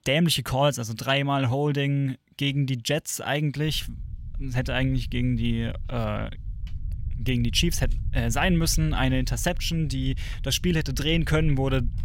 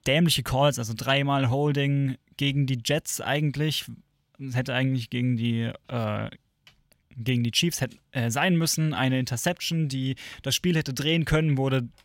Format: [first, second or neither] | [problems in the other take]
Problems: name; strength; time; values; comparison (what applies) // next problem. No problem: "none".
second | low rumble; faint; from 3.5 s on; 25 dB below the speech